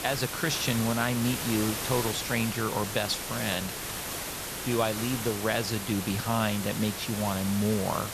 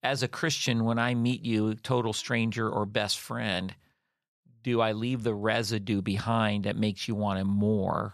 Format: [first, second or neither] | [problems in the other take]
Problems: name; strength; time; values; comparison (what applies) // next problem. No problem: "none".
second | hiss; loud; throughout; 4 dB below the speech